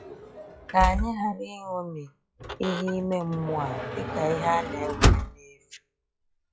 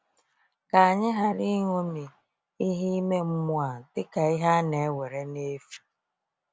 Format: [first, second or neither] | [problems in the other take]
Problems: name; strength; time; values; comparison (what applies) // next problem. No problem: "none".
second | noise reduction (classical method log-MMSE)